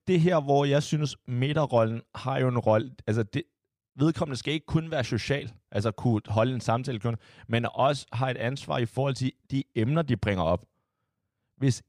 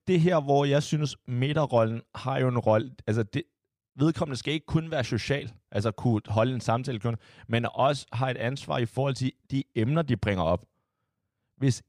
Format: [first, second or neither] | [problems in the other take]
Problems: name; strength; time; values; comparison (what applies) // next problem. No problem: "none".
neither | none